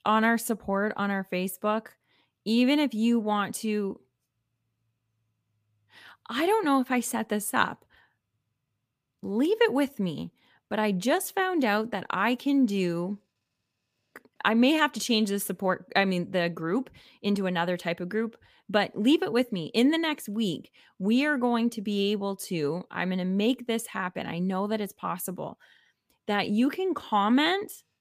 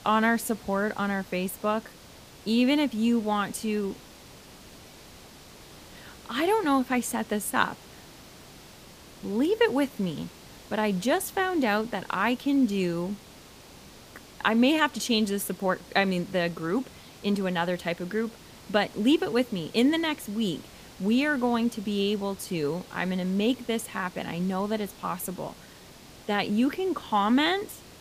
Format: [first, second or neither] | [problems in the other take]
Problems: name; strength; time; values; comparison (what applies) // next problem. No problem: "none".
first | hiss; faint; throughout; 20 dB below the speech